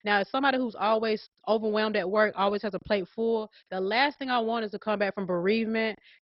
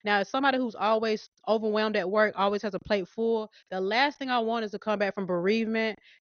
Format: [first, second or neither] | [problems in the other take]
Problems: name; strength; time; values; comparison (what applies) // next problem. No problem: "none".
second | garbled, watery; badly; nothing above 5 kHz; slightly in the second